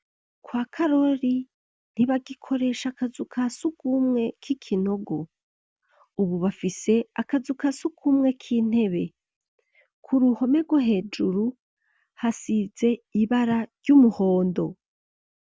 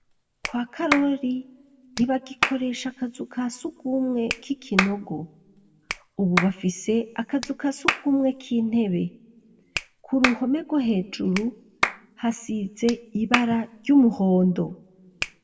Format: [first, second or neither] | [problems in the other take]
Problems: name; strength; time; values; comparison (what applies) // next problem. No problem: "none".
first | background sound (Clapping); 8 dB below the speech // room echo; dies away in 0.5 s